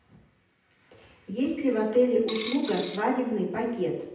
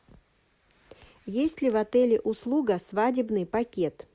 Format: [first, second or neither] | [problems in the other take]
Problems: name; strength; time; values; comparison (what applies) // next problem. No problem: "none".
second | background sound (Coin (dropping)); 11 dB below the speech // room echo; dies away in 0.9 s